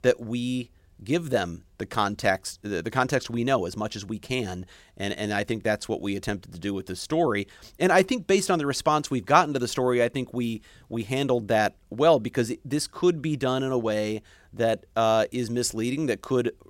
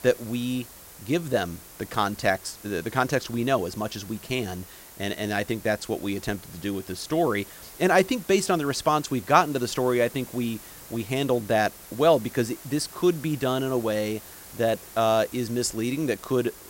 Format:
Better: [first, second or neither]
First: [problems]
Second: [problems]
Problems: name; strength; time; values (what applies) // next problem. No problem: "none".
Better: first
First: none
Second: hiss; noticeable; throughout; 15 dB below the speech